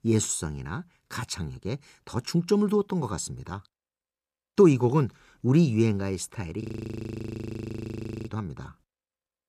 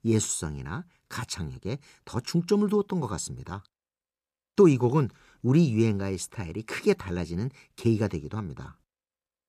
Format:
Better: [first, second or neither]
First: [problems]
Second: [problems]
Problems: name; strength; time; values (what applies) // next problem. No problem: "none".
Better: second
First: audio freezing; at 6.5 s for 1.5 s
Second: none